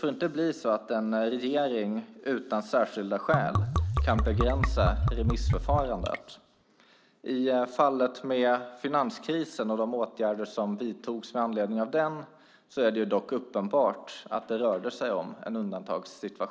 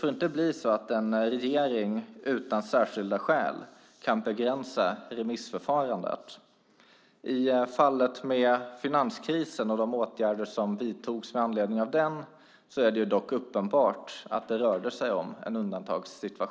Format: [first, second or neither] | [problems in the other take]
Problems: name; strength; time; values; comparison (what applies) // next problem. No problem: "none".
second | background sound (Liquid); 2 dB above the speech